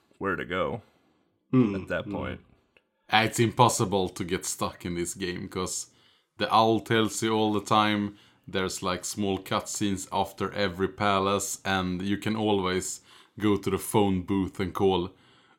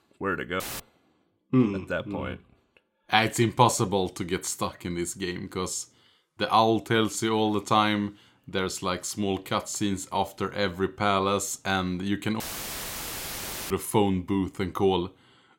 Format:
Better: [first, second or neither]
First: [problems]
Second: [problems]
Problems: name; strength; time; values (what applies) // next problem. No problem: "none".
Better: first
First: none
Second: audio cutting out; filled with static; at 0.5 s and at 12 s for 1.5 s